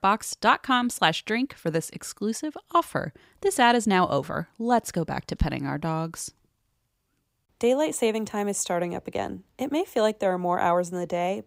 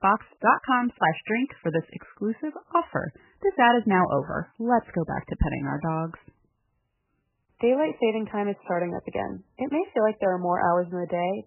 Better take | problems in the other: first | garbled, watery; badly; nothing above 3 kHz

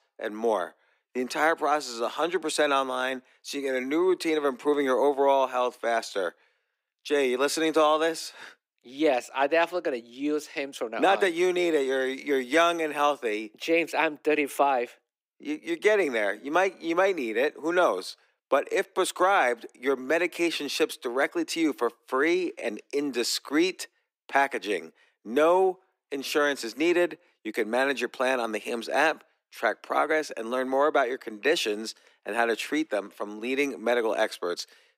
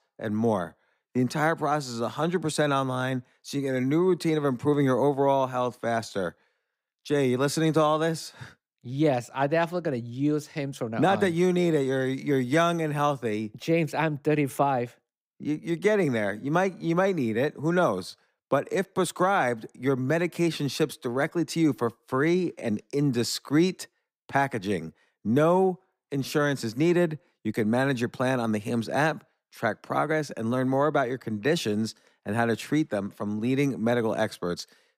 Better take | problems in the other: second | thin; somewhat; fading below 300 Hz

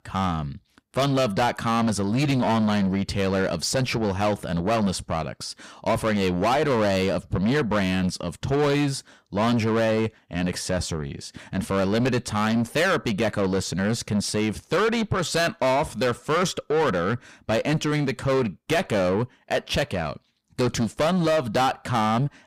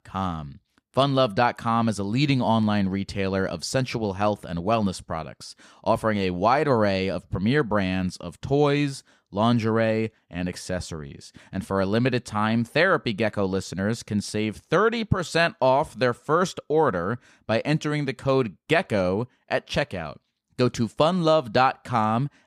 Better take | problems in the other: second | distortion; heavy; 7 dB below the speech

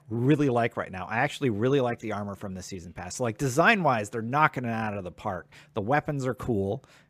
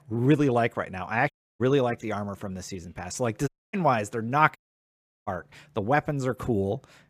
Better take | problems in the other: first | audio cutting out; at 1.5 s, at 3.5 s and at 4.5 s for 0.5 s

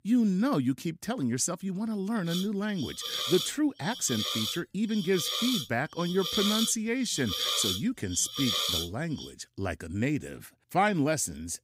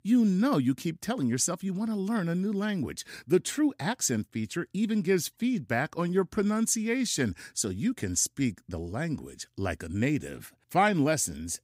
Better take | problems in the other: second | hiss; loud; from 2.5 to 9.5 s; 1 dB below the speech

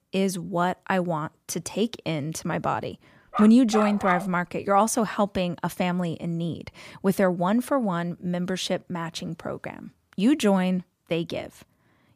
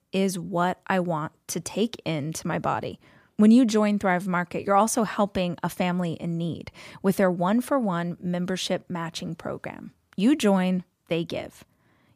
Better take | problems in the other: second | dog barking; noticeable; at 3.5 s; peak 3 dB below the speech

